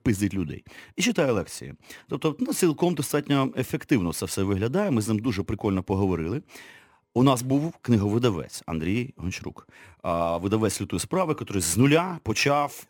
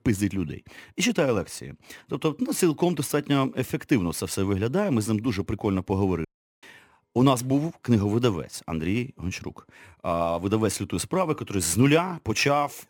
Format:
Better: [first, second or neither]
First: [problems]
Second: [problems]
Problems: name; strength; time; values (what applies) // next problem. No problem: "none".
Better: first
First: none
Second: audio cutting out; at 6.5 s